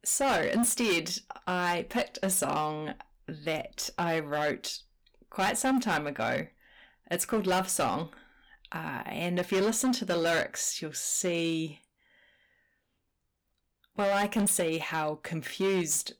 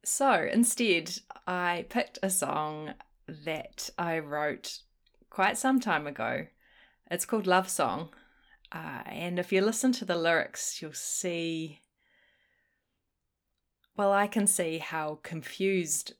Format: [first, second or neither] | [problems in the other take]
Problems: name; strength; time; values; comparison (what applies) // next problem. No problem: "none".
second | distortion; heavy; 9% of the sound clipped